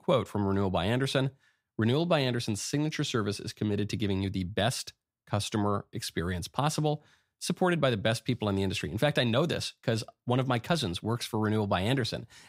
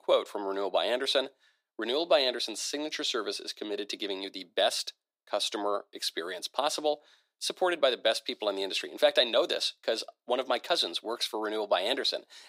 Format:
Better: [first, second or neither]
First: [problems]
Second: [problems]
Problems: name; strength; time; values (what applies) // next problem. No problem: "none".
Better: first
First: none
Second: thin; very; fading below 300 Hz